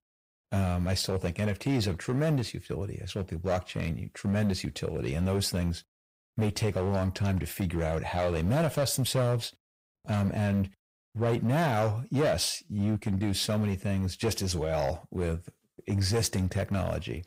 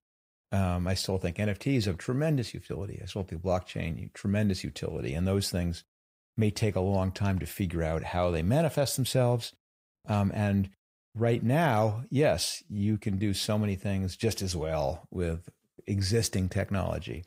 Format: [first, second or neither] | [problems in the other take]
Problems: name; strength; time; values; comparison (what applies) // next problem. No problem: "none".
second | distortion; slight; 8% of the sound clipped